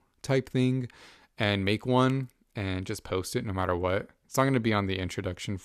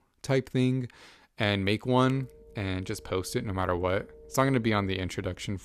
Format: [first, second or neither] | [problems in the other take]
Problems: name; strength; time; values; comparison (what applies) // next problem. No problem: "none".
first | low rumble; faint; from 2 s on; 25 dB below the speech